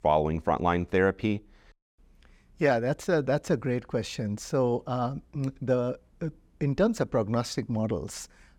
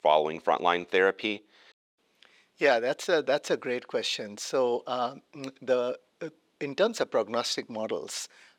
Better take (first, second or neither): first